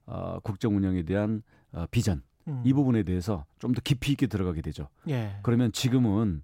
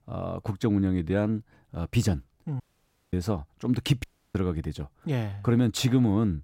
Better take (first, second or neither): first